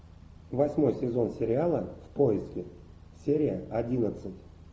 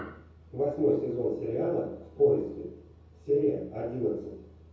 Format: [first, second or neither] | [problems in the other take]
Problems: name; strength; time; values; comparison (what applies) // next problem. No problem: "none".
first | room echo; dies away in 0.6 s